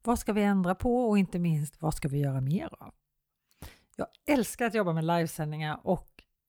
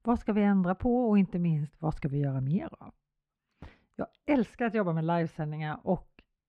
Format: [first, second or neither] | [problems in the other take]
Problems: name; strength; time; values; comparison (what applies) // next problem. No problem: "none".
first | muffled; slightly; fading above 2.5 kHz